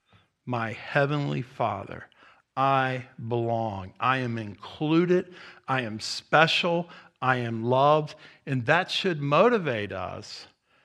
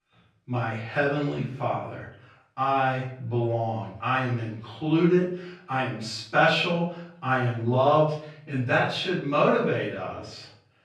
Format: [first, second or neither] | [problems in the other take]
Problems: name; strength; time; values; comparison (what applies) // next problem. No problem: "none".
first | off-mic speech; far // room echo; noticeable; dies away in 0.5 s